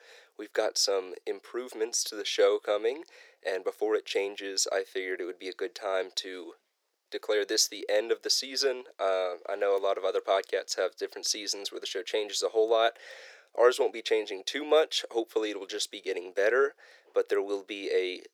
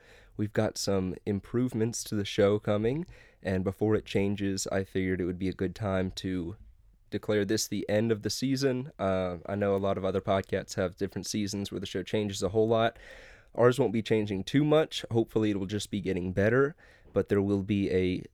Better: second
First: thin; very; fading below 400 Hz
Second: none

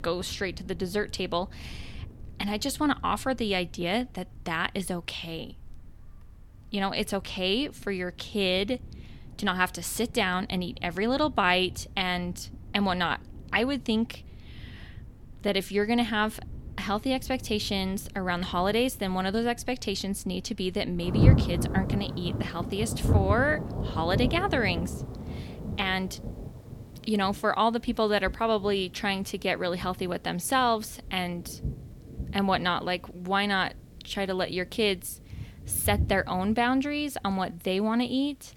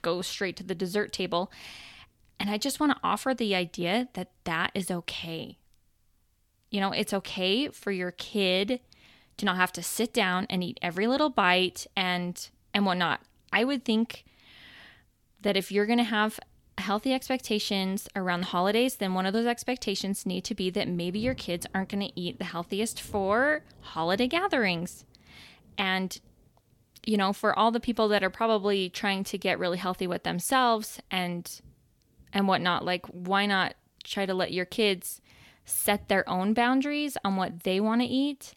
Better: second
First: rain or running water; loud; throughout; 6 dB below the speech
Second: rain or running water; faint; throughout; 30 dB below the speech

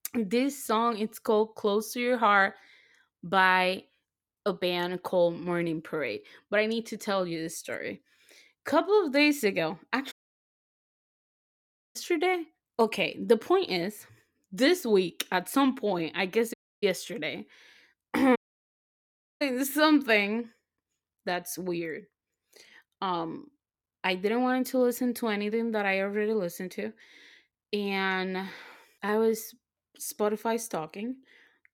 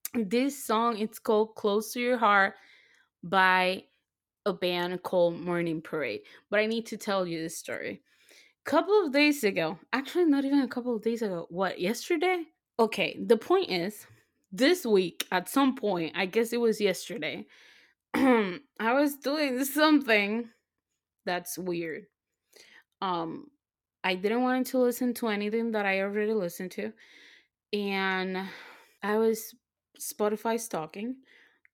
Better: second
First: audio cutting out; at 10 s for 2 s, at 17 s and at 18 s for 1 s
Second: none

